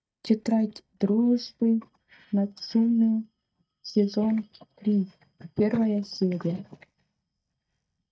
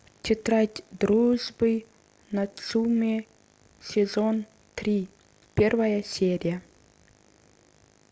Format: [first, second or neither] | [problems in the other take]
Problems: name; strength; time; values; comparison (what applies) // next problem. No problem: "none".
second | noise reduction (neural mask model DeepFilterNet 3)